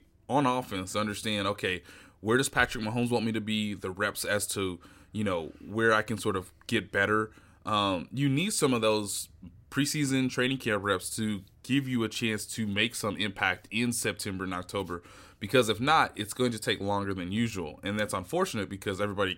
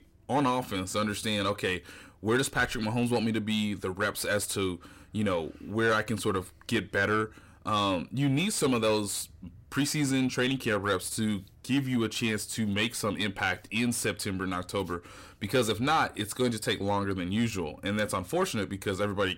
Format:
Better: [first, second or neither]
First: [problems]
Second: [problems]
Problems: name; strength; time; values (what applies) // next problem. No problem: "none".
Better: first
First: none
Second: distortion; slight; 10 dB below the speech